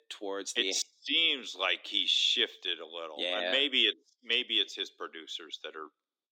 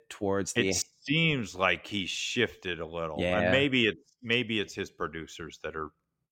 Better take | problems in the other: second | thin; somewhat; fading below 250 Hz

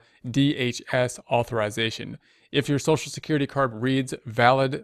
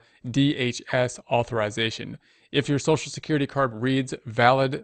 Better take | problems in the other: first | garbled, watery; slightly; nothing above 8.5 kHz

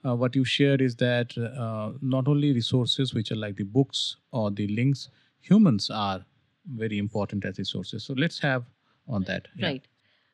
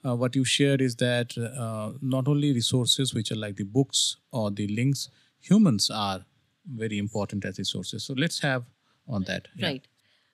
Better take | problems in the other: second | muffled; very slightly; fading above 3.5 kHz

